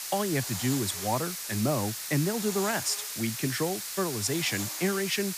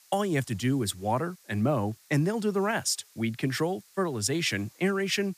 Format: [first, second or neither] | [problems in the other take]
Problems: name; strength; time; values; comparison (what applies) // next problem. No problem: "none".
second | hiss; loud; throughout; 3 dB below the speech; faint in the second